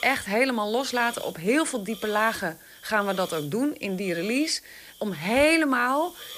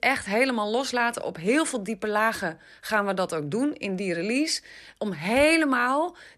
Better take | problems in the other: second | hiss; noticeable; throughout; 15 dB below the speech

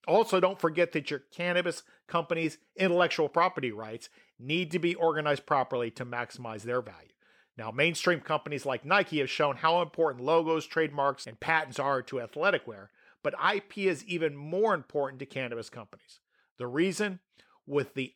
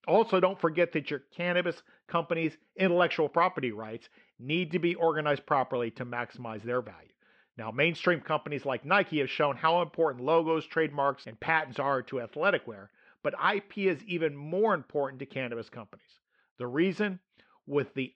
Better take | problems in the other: first | muffled; slightly; fading above 3.5 kHz

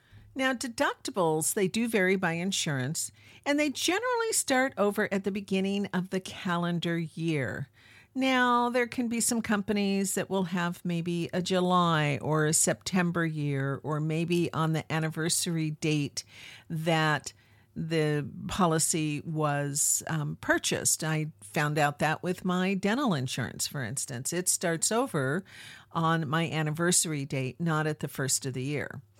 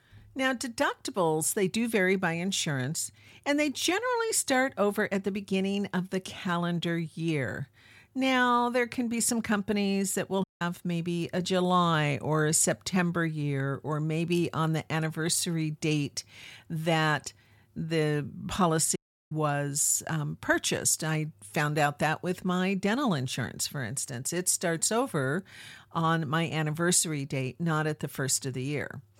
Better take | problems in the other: first | audio cutting out; at 10 s and at 19 s

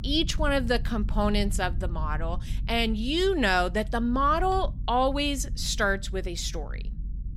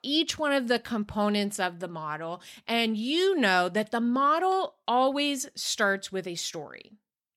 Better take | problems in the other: second | low rumble; faint; throughout; 25 dB below the speech

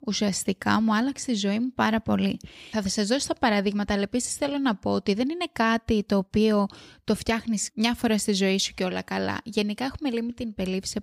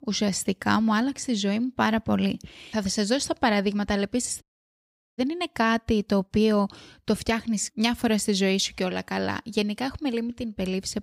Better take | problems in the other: first | audio cutting out; at 4.5 s for 1 s

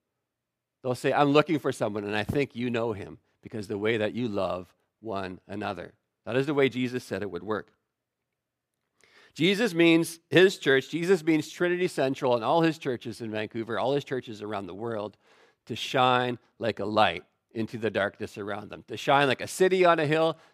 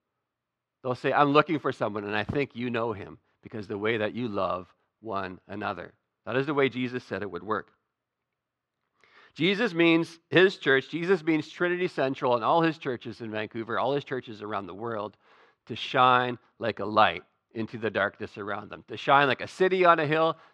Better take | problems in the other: first | muffled; very slightly; fading above 3.5 kHz

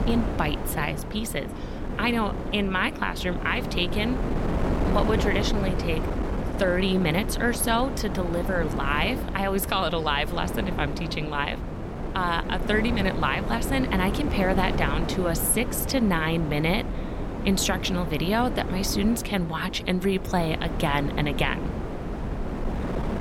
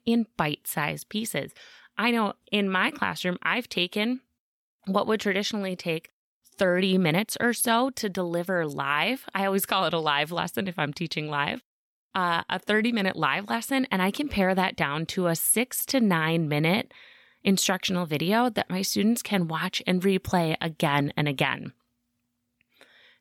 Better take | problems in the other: second | wind noise on the microphone; heavy; 8 dB below the speech

